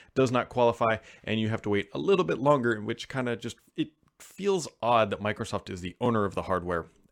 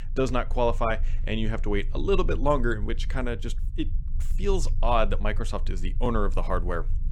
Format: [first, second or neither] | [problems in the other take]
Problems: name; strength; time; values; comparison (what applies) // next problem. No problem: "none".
first | low rumble; faint; throughout; 25 dB below the speech